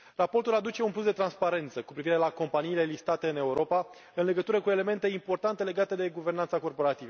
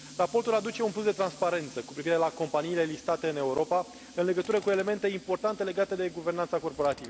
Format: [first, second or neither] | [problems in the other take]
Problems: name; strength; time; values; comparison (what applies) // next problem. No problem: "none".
first | background sound (Tools); 19 dB below the speech